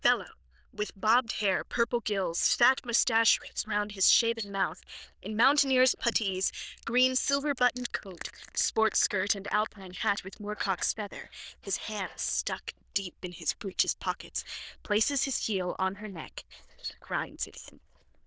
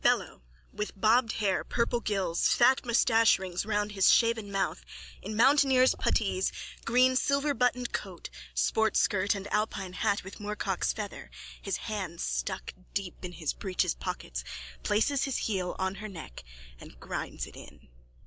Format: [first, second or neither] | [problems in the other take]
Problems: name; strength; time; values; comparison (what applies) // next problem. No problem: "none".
second | noise reduction (neural diffusion model UNIVERSE++)